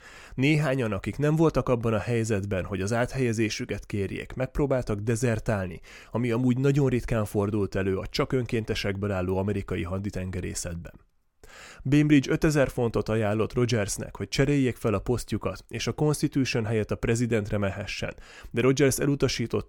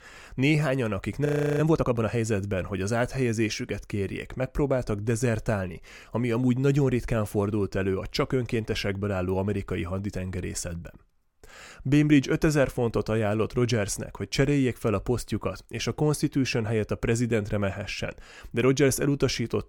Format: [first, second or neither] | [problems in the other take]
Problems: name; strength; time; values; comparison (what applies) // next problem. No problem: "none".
first | audio freezing; at 1.5 s